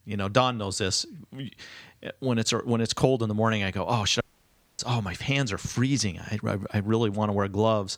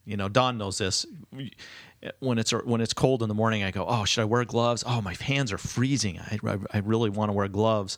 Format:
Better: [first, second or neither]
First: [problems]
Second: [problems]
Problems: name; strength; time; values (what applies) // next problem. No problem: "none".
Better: second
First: audio cutting out; at 4 s for 0.5 s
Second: none